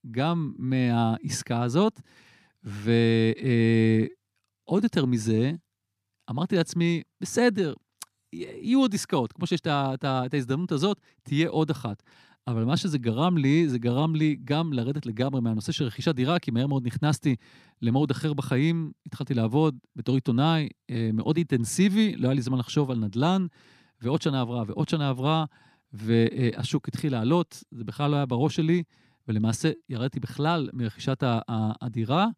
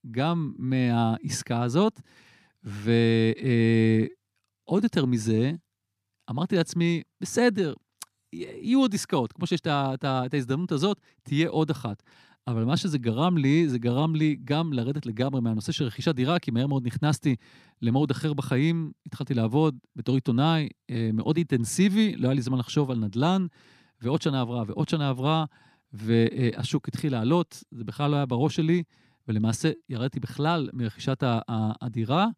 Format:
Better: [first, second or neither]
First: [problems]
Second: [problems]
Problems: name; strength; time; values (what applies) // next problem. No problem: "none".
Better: neither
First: none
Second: none